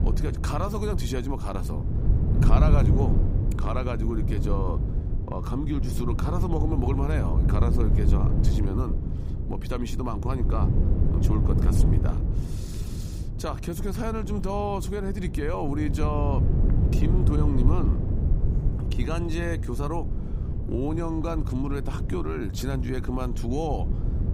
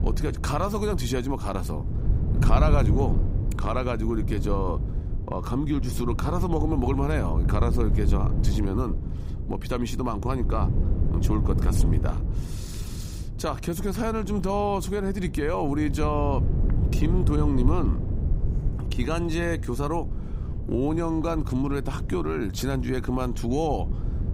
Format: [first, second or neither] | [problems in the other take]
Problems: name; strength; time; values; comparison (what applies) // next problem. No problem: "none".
second | wind noise on the microphone; heavy; 6 dB below the speech; occasional gusts in the second